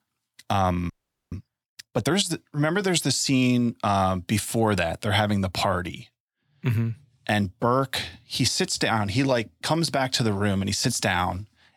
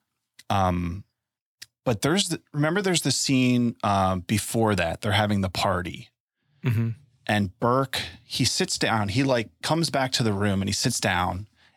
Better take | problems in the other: second | audio freezing; at 1 s

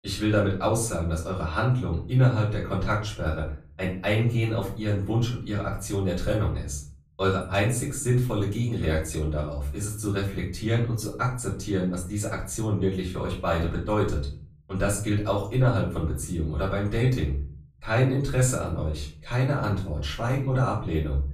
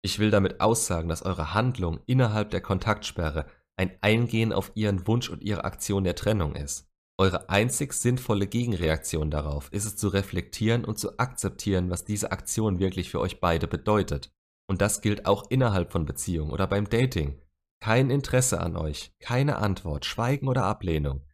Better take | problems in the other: second | off-mic speech; far // room echo; slight; dies away in 0.4 s

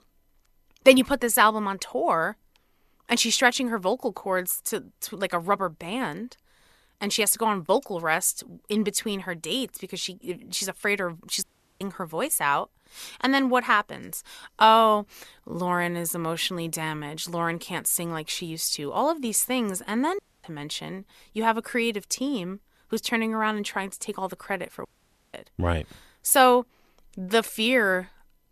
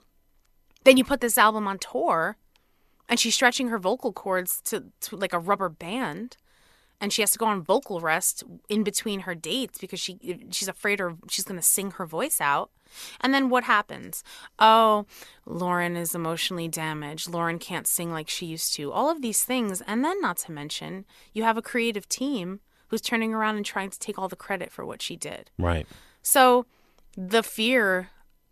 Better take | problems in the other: second | audio cutting out; at 11 s, at 20 s and at 25 s

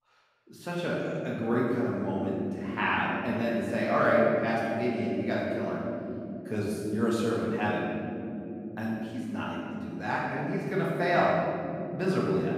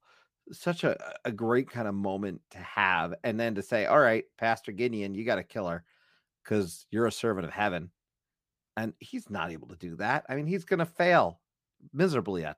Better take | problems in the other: second | room echo; strong; dies away in 3 s // off-mic speech; far

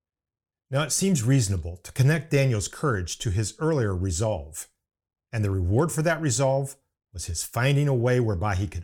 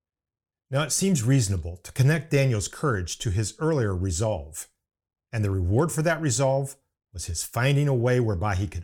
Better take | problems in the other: neither | none

